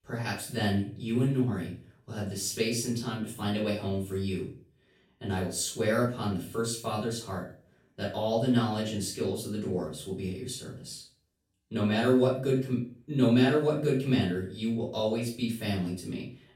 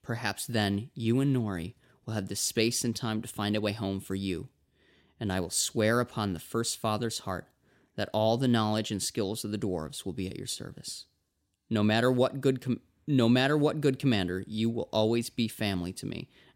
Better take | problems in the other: second | off-mic speech; far // room echo; noticeable; dies away in 0.4 s

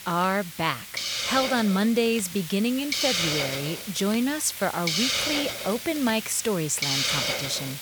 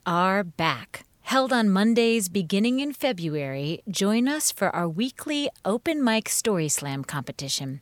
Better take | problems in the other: second | hiss; loud; throughout; 2 dB below the speech

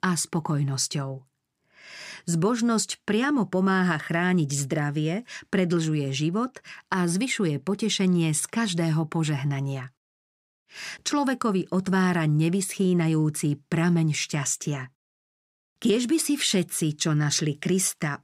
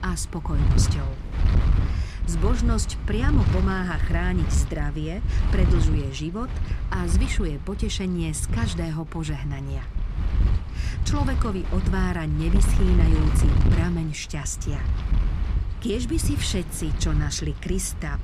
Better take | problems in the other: first | wind noise on the microphone; heavy; 6 dB below the speech

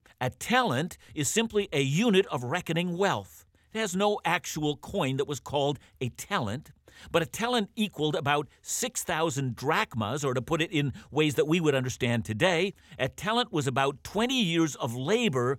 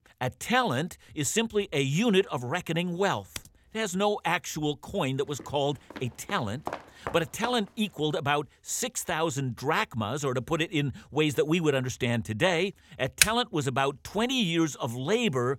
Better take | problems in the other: first | keyboard typing; very faint; at 3.5 s and at 13 s; peak 5 dB above the speech // footsteps; noticeable; from 5.5 to 7.5 s; peak 9 dB below the speech

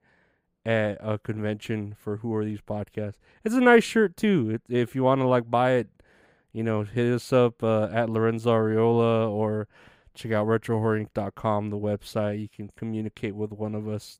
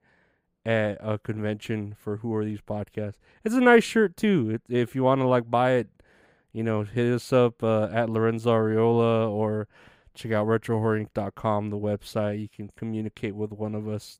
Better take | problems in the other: neither | none

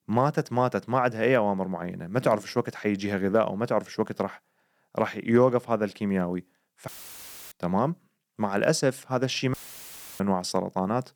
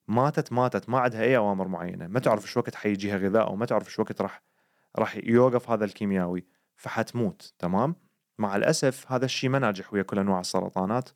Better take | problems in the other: second | audio cutting out; filled with static; at 7 s for 0.5 s and at 9.5 s for 0.5 s

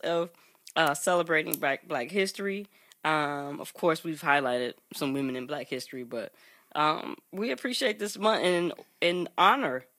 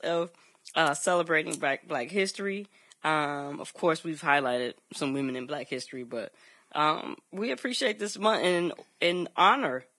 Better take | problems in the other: first | garbled, watery; badly; nothing above 10.5 kHz; slightly in the first

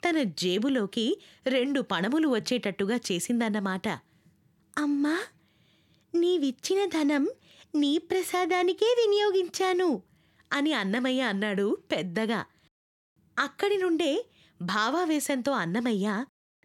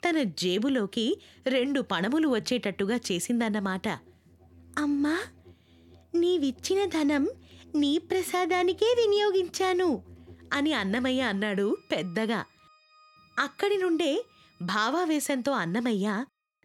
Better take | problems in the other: first | background music; faint; throughout; 30 dB below the speech

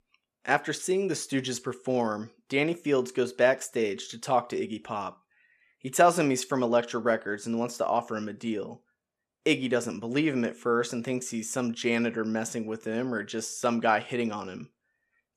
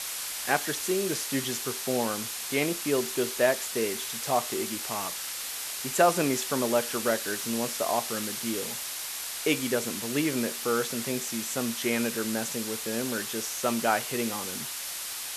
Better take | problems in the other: first | hiss; loud; throughout; 3 dB below the speech

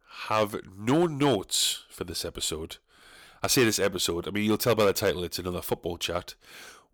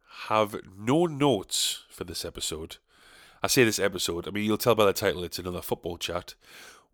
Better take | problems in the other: second | distortion; slight; 3% of the sound clipped

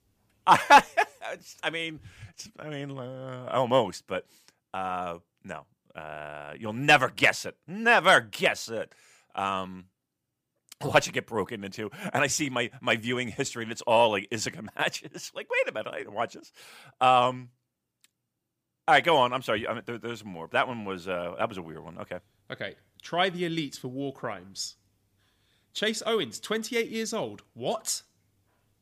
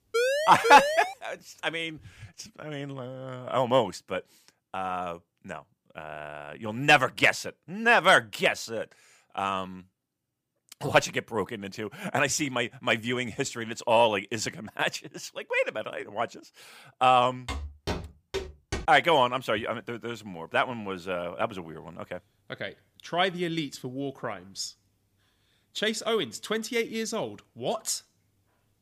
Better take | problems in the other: first | siren; loud; at the start; peak 1 dB above the speech // footsteps; noticeable; from 17 to 19 s; peak 8 dB below the speech

